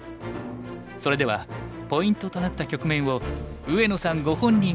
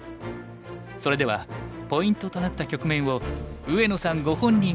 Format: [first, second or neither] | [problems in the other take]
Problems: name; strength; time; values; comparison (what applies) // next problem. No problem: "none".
second | background sound (Thump, thud); 15 dB below the speech